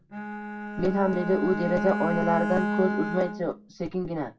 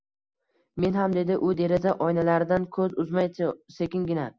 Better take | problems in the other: second | background sound (Bowed string instrument); 4 dB below the speech // room echo; dies away in 0.2 s

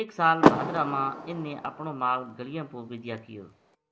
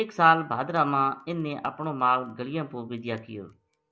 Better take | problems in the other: second | background sound (Car); 1 dB above the speech

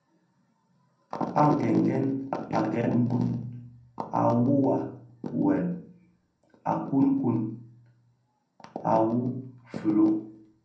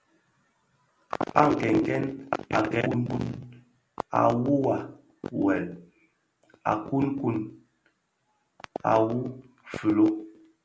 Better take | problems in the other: second | room echo; dies away in 0.6 s

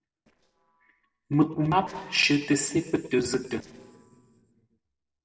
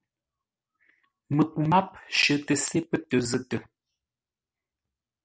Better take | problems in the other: second | noise reduction (neural separator model SepFormer DNS4)

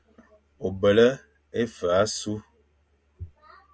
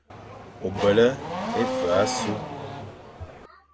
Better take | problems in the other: first | background sound (Race car, auto racing / Accelerating, revving, vroom); 4 dB below the speech

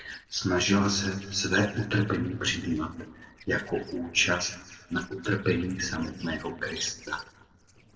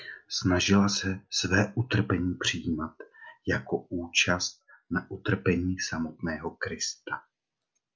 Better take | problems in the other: second | noise reduction (neural separator model SepFormer DNS4)

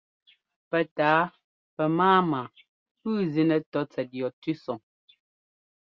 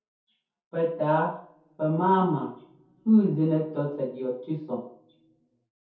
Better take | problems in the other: first | room echo; dies away in 0.6 s

